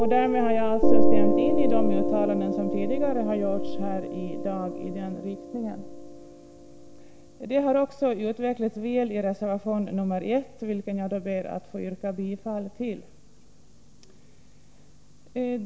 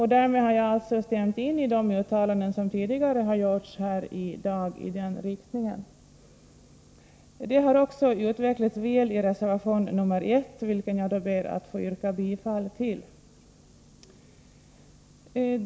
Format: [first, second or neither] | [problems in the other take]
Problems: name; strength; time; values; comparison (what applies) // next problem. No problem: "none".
second | background sound (Piano); 4 dB above the speech